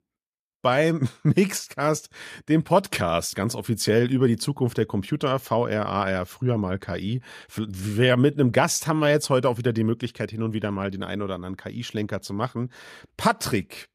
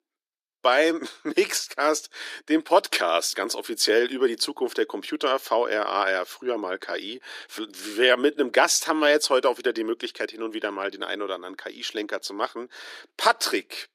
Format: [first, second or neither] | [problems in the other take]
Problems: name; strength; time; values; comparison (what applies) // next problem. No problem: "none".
first | thin; somewhat; fading below 300 Hz